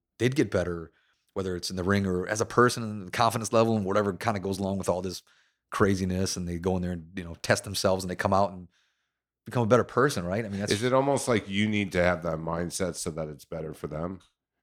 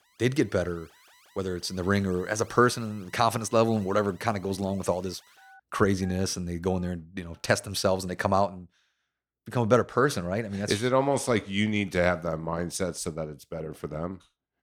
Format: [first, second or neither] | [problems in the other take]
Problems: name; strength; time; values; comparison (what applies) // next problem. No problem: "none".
first | alarms or sirens; faint; until 7 s; 30 dB below the speech